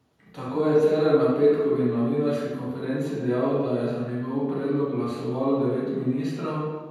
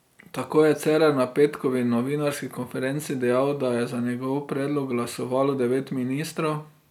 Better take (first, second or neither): second